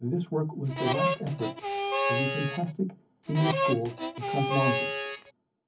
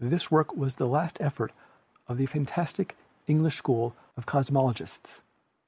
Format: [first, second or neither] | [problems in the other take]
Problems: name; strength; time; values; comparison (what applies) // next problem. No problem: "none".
second | background sound (Harmonica); 1 dB above the speech // room echo; dies away in 0.3 s